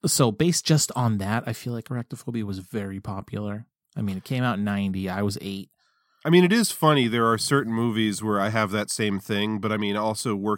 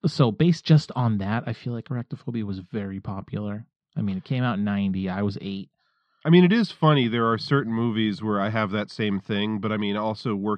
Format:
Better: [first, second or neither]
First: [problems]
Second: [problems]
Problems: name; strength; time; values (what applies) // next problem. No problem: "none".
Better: first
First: none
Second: muffled; slightly; fading above 4 kHz